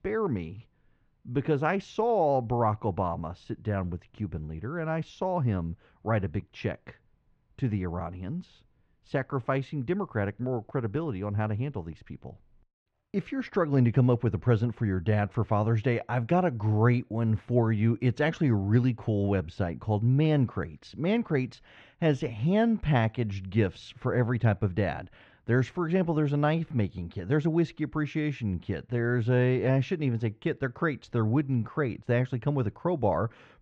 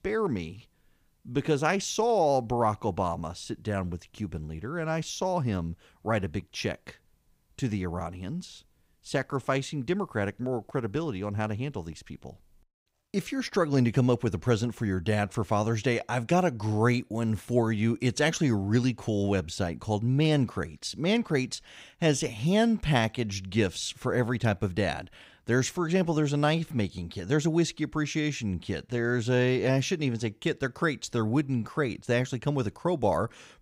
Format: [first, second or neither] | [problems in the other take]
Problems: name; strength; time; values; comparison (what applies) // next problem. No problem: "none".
second | muffled; very; fading above 2 kHz